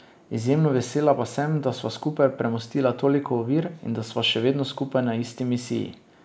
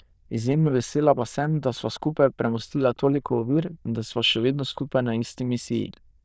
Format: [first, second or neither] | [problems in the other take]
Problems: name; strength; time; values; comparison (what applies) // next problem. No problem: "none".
first | noise reduction (neural diffusion model UNIVERSE++)